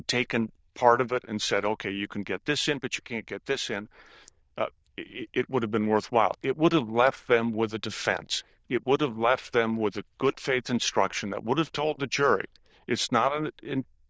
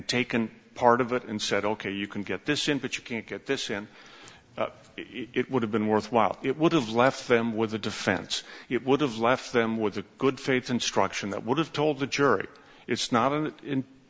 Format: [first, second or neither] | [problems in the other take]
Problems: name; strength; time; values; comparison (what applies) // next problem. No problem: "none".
second | noise reduction (neural diffusion model UNIVERSE++)